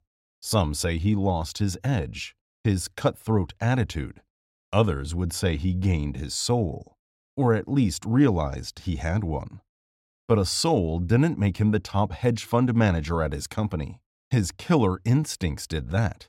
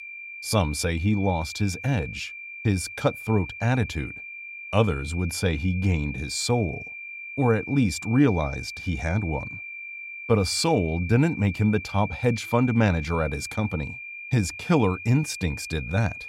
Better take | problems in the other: first | high-pitched whine; noticeable; throughout; 2.5 kHz, 10 dB below the speech

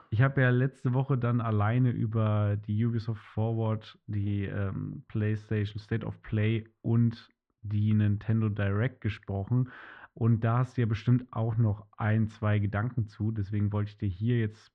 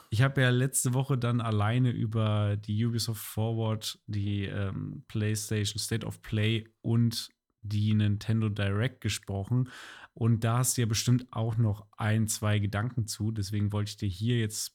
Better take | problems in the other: second | muffled; very; fading above 2 kHz

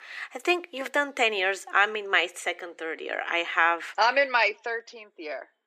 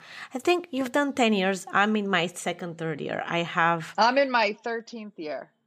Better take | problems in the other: second | thin; very; fading below 300 Hz

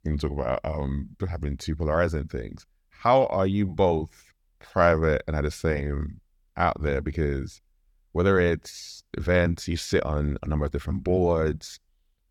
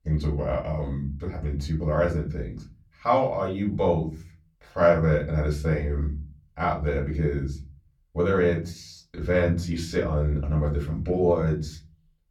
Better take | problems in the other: first | off-mic speech; far // room echo; very slight; dies away in 0.4 s

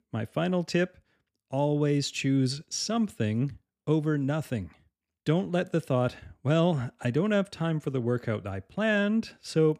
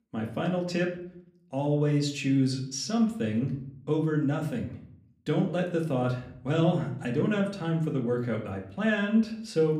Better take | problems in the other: first | room echo; slight; dies away in 0.5 s // off-mic speech; somewhat distant

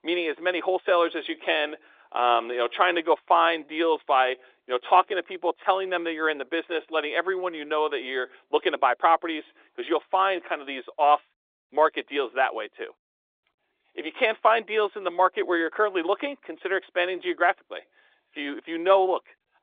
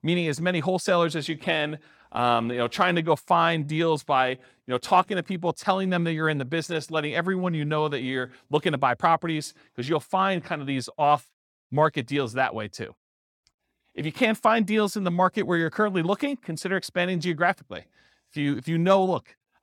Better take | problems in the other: second | phone-call audio; nothing above 3.5 kHz

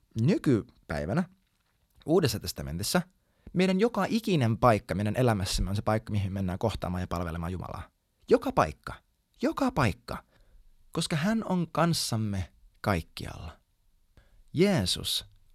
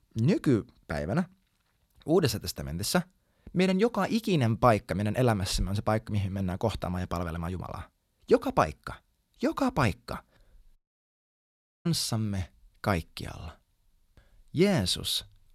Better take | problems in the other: first | audio cutting out; at 11 s for 1 s

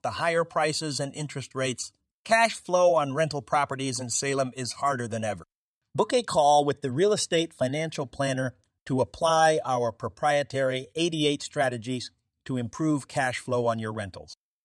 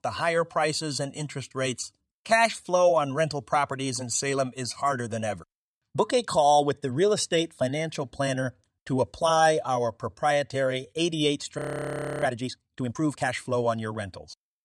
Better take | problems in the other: first | audio freezing; at 12 s for 0.5 s

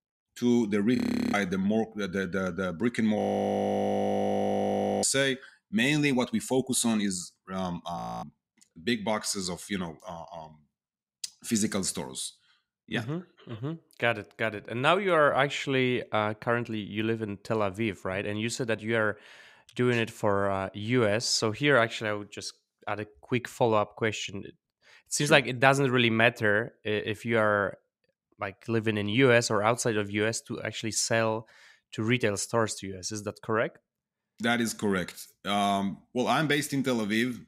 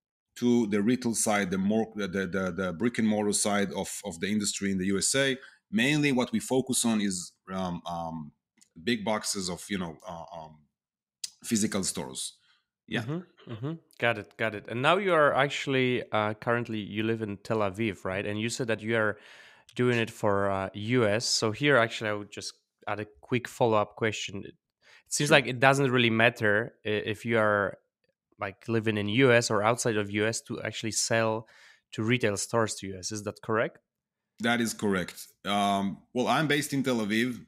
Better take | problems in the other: second | audio freezing; at 1 s, at 3 s for 2 s and at 8 s

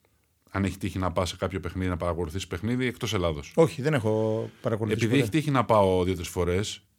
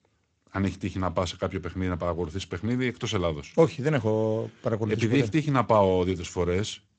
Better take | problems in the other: first | garbled, watery; slightly; nothing above 7.5 kHz

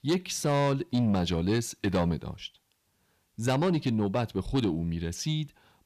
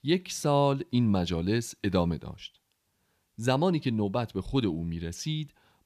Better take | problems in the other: second | distortion; slight; 10 dB below the speech

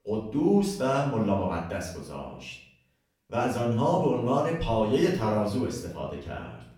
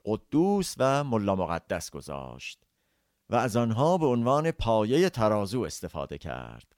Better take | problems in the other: second | room echo; noticeable; dies away in 0.6 s // off-mic speech; far

